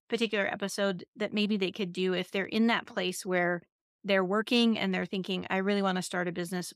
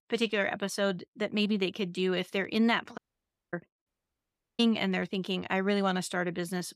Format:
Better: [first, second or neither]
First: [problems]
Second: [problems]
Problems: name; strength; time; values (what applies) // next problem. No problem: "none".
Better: first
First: none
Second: audio cutting out; at 3 s for 0.5 s and at 4 s for 0.5 s